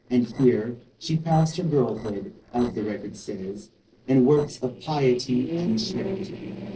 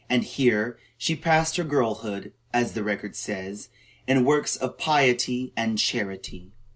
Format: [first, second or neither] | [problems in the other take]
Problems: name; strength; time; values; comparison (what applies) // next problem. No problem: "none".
second | noise reduction (neural separator model SepFormer DNS4)